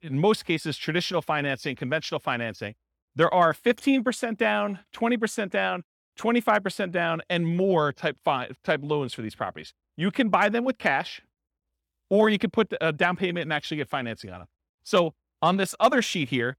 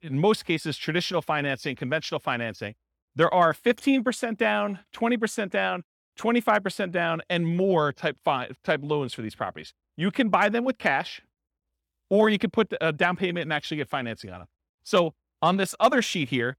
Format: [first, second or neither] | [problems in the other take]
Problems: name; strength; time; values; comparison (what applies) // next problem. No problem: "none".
neither | none